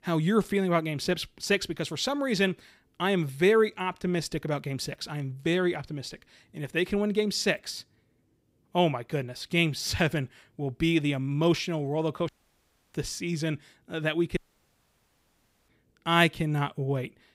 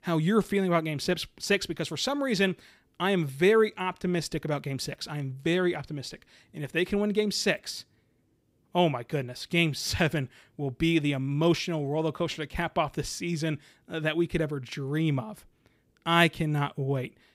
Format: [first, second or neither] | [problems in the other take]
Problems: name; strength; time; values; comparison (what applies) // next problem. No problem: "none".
second | audio cutting out; at 12 s for 0.5 s and at 14 s for 1.5 s